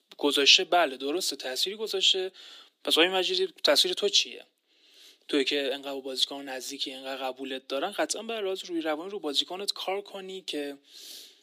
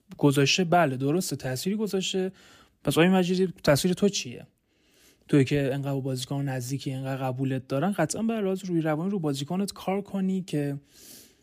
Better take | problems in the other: second | thin; somewhat; fading below 300 Hz

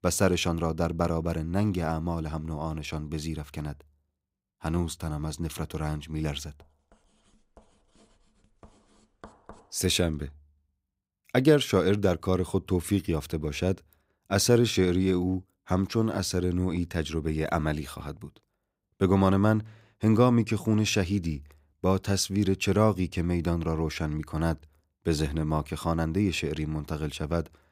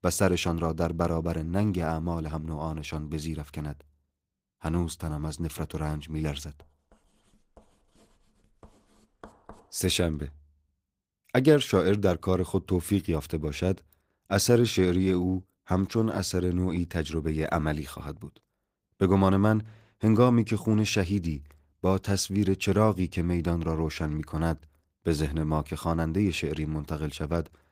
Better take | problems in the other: first | garbled, watery; slightly; nothing above 15.5 kHz

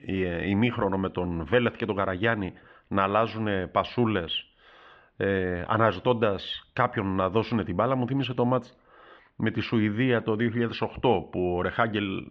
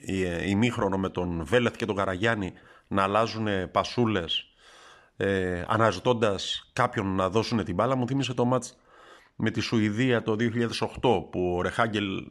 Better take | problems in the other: second | muffled; slightly; fading above 3.5 kHz

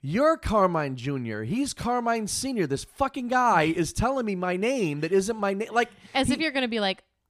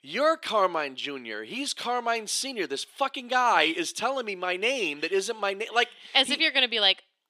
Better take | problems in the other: first | thin; somewhat; fading below 350 Hz

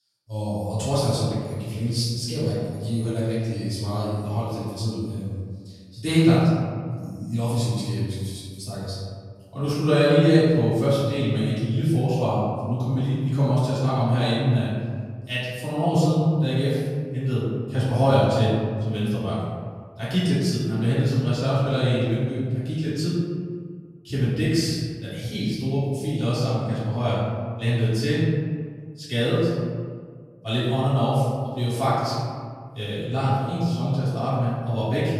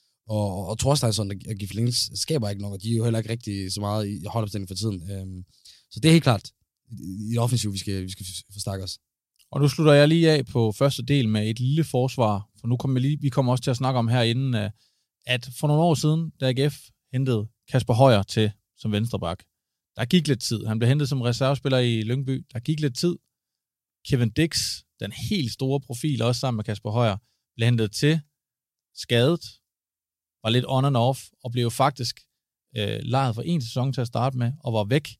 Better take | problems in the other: second | off-mic speech; far // room echo; strong; dies away in 1.7 s

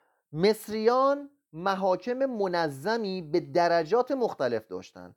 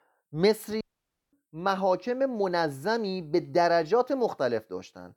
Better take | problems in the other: first | audio cutting out; at 1 s for 0.5 s

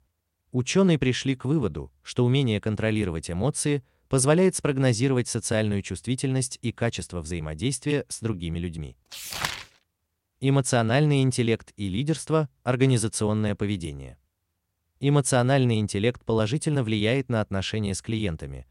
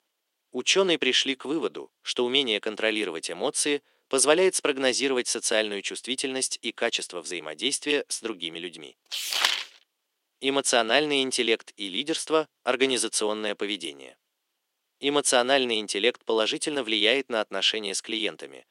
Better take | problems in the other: first | thin; somewhat; fading below 300 Hz

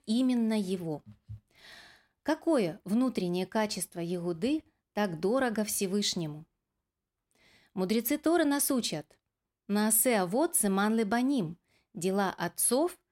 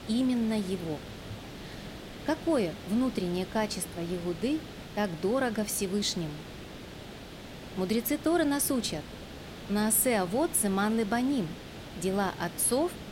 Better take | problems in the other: first | hiss; noticeable; throughout; 15 dB below the speech

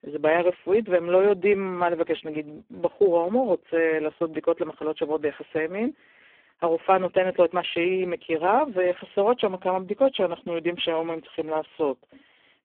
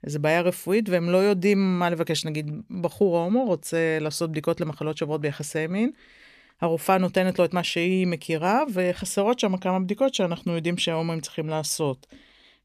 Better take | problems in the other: second | phone-call audio; poor line; nothing above 3.5 kHz

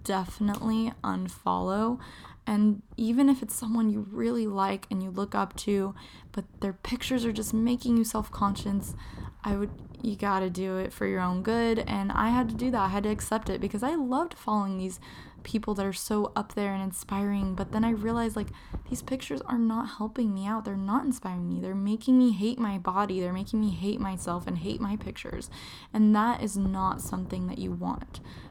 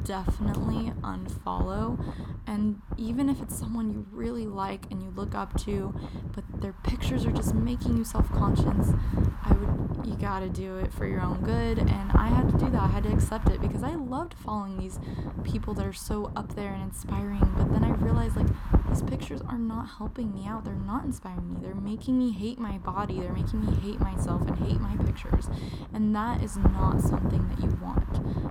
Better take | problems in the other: first | wind noise on the microphone; heavy; 2 dB below the speech; occasional gusts in the first

